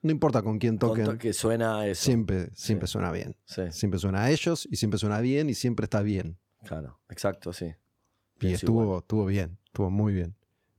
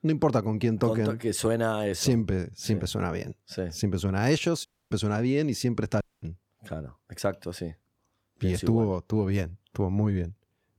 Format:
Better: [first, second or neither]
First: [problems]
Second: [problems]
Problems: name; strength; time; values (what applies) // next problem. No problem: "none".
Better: first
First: none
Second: audio cutting out; at 4.5 s and at 6 s